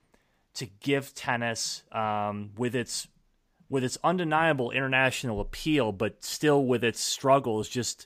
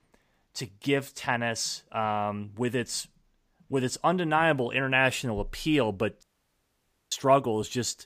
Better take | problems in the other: first | audio cutting out; at 6 s for 1 s

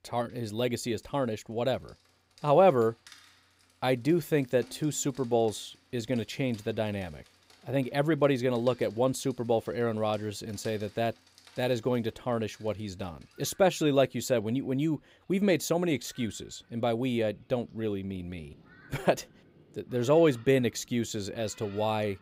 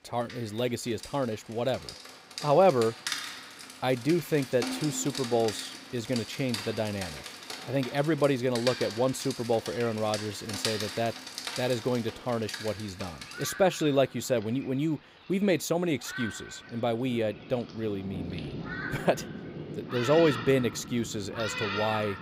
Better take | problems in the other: first | rain or running water; loud; throughout; 9 dB below the speech; faint in the first

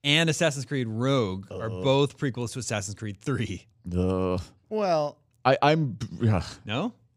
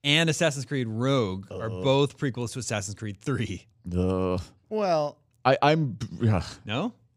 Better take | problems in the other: neither | none

